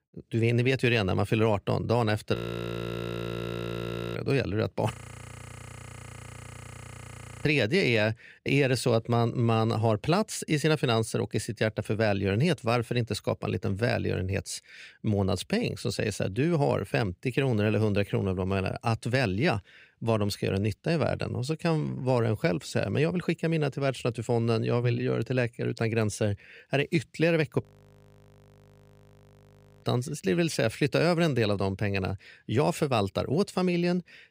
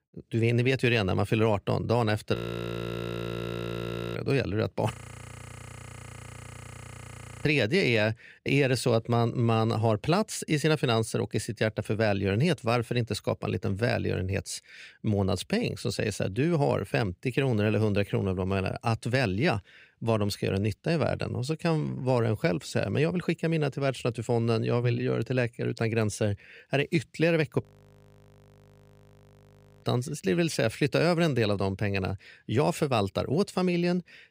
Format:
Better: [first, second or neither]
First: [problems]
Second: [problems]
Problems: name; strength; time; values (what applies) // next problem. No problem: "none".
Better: neither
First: audio freezing; at 2.5 s for 2 s, at 5 s for 2.5 s and at 28 s for 2 s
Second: audio freezing; at 2.5 s for 2 s, at 5 s for 2.5 s and at 28 s for 2 s